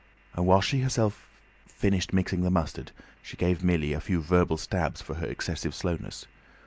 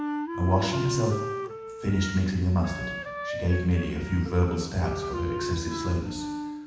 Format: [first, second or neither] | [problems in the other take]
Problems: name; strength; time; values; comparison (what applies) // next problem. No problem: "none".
first | background sound (Wind instrument, woodwind instrument); 7 dB below the speech // room echo; dies away in 1.1 s